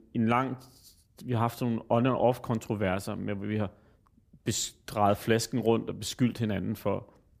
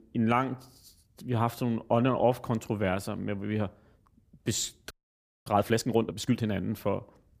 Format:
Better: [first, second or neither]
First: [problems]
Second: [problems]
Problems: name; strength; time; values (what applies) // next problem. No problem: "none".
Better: first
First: none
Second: audio freezing; at 5 s for 0.5 s